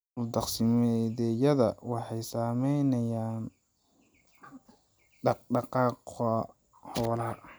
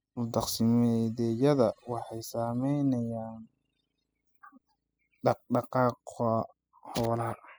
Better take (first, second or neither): first